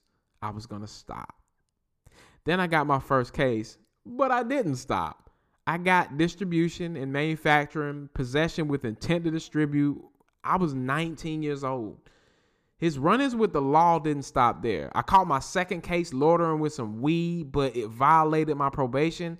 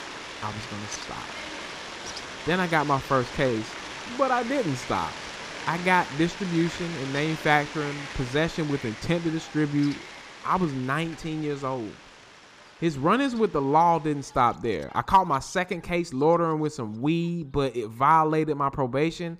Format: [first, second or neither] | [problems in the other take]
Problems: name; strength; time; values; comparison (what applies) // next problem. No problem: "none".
first | animal sounds; noticeable; throughout; 10 dB below the speech